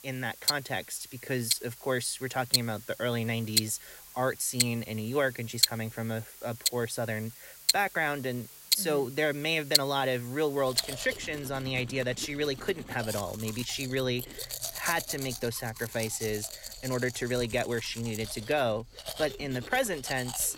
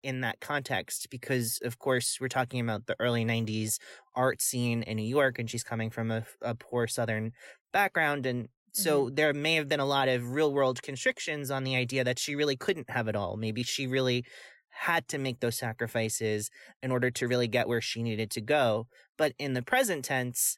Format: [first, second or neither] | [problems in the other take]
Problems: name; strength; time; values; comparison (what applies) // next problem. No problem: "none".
second | household noises; loud; throughout; as loud as the speech